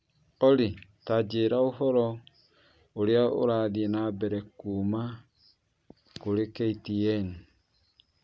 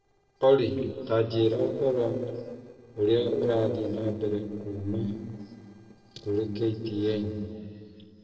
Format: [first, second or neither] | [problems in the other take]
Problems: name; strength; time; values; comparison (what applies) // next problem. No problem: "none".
first | noise reduction (neural separator model SepFormer DNS4)